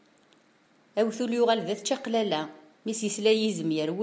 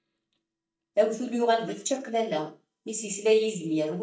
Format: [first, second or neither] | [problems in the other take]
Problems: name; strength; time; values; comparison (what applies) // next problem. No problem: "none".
first | noise reduction (neural mask model DeepFilterNet 3)